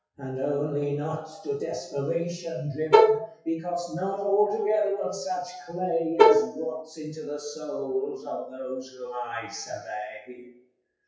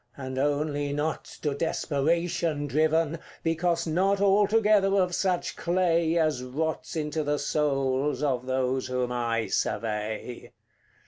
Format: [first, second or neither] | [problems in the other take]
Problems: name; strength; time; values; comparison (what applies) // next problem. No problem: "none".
second | noise reduction (classical method WPE with log-MMSE)